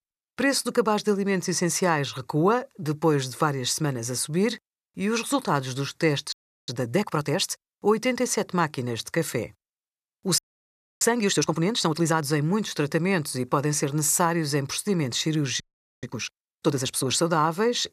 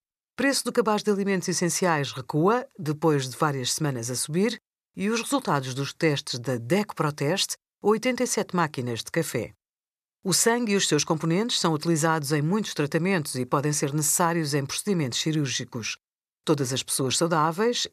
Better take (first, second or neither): second